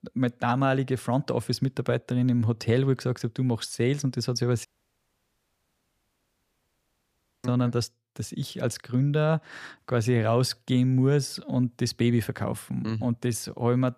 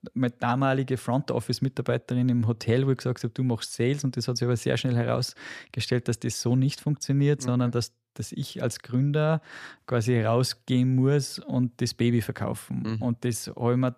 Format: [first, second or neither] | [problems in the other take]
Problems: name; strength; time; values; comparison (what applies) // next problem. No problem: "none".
second | audio cutting out; at 4.5 s for 3 s